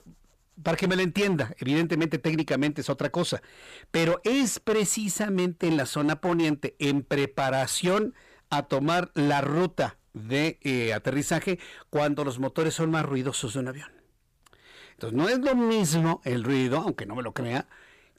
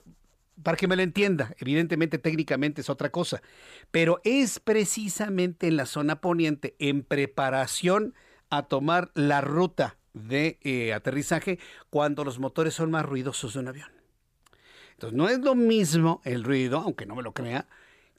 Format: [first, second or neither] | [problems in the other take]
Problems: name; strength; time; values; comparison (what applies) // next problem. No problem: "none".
second | distortion; slight; 11% of the sound clipped